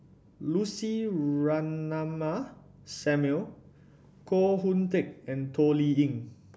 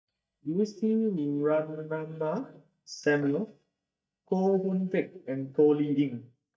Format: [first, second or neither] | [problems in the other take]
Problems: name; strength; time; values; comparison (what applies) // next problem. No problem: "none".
first | noise reduction (neural mask model DeepFilterNet 3)